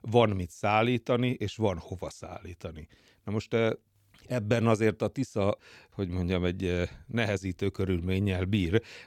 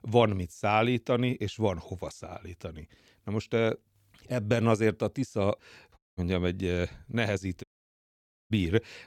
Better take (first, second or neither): first